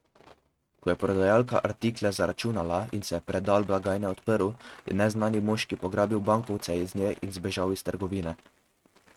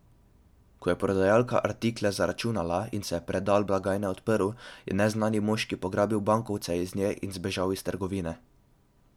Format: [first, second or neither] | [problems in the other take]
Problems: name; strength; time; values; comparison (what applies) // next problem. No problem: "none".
second | noise reduction (neural mask model RNNoise)